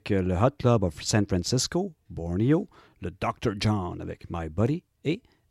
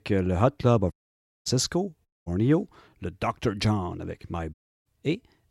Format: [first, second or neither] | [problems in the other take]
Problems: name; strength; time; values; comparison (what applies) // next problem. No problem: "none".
first | audio cutting out; at 1 s for 0.5 s, at 2 s and at 4.5 s